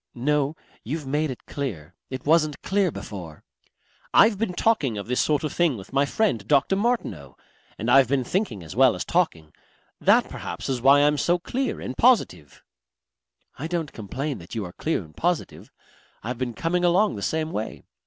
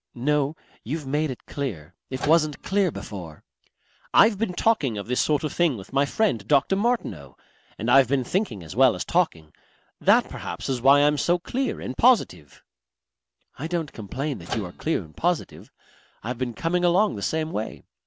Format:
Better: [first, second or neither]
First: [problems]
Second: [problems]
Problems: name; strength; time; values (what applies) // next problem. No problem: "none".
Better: first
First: none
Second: background sound (Microwave oven); 13 dB below the speech